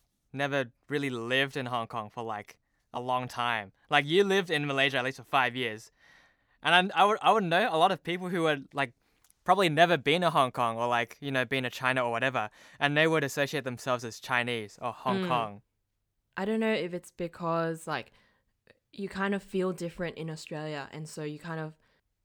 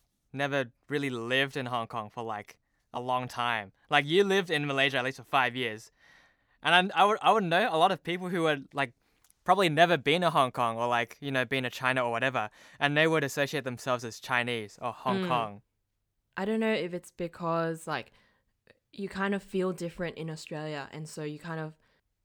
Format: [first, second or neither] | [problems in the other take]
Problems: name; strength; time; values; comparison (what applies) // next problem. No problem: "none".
neither | none